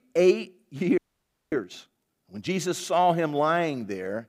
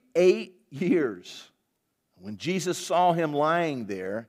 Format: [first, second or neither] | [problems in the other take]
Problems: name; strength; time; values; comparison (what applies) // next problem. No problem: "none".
second | audio freezing; at 1 s for 0.5 s